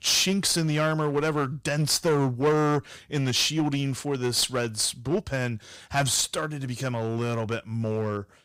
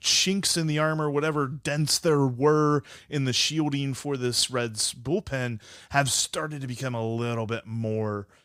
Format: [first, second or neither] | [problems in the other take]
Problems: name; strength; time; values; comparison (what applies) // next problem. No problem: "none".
second | distortion; slight; 8% of the sound clipped